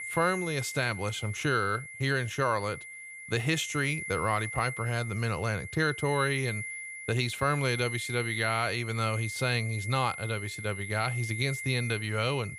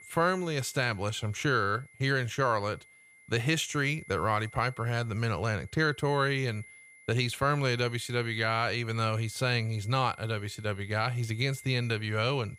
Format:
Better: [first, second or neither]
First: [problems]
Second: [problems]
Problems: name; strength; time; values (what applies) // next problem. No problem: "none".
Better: second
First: high-pitched whine; loud; throughout; 2 kHz, 8 dB below the speech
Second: high-pitched whine; faint; throughout; 2 kHz, 20 dB below the speech